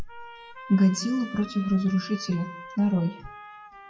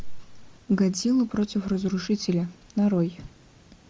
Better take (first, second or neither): second